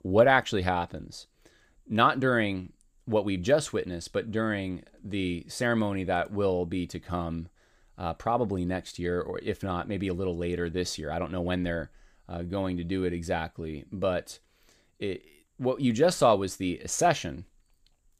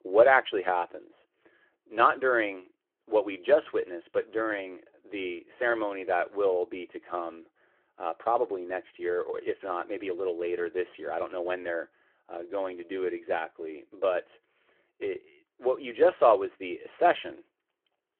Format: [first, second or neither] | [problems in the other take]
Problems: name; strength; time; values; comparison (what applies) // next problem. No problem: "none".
first | phone-call audio